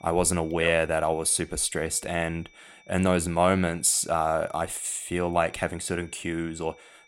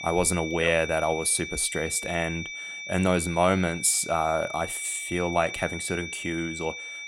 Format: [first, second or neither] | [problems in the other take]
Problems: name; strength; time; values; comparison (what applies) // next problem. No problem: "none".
first | high-pitched whine; loud; throughout; 2.5 kHz, 9 dB below the speech; faint in the first